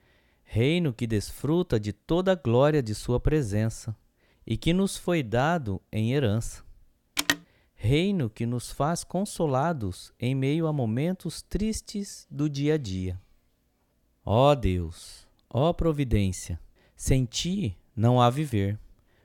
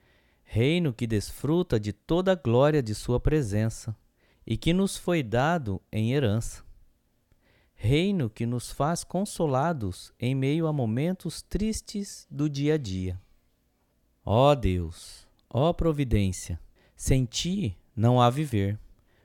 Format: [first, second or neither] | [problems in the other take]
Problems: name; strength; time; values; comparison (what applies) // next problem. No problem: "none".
second | phone ringing; loud; at 7 s; peak level with the speech